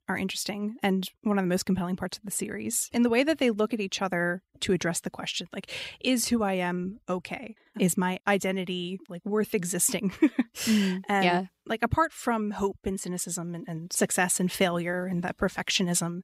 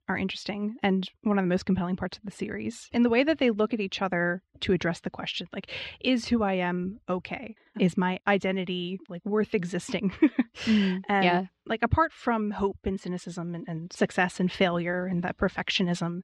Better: first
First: none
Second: muffled; slightly; fading above 4 kHz

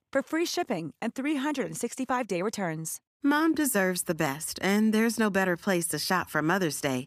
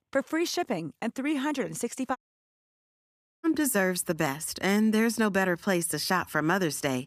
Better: first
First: none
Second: audio cutting out; at 2 s for 1.5 s

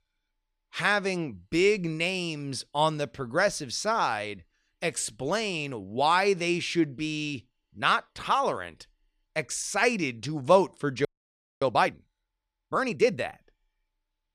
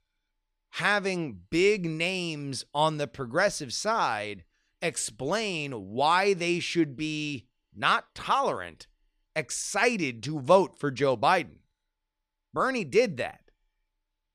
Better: second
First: audio freezing; at 11 s for 0.5 s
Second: none

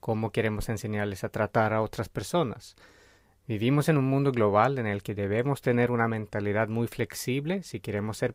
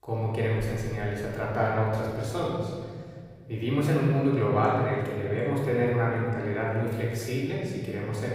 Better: first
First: none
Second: off-mic speech; far // room echo; strong; dies away in 2.1 s

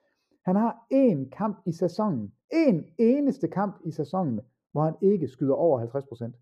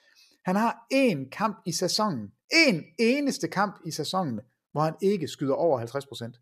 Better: second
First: muffled; very; fading above 1.5 kHz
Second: none

